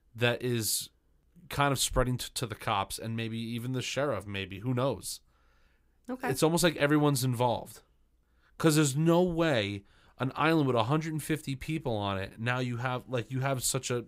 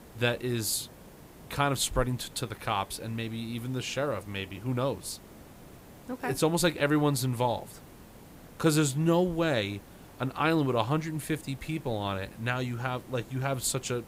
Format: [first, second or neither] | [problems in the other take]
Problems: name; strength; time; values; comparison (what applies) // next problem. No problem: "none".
first | hiss; faint; throughout; 20 dB below the speech